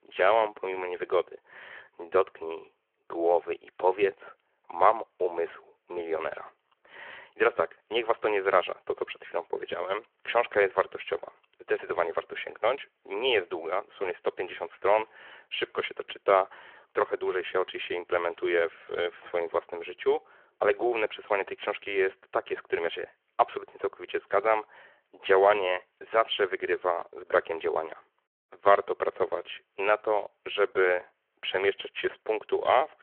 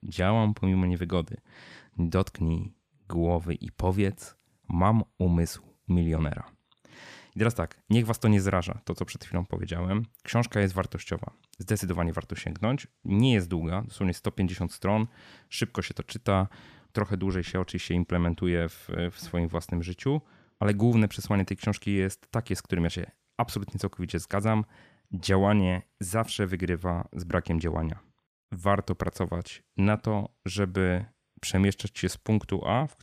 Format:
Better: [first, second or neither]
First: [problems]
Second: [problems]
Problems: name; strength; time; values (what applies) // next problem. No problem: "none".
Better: second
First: phone-call audio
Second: none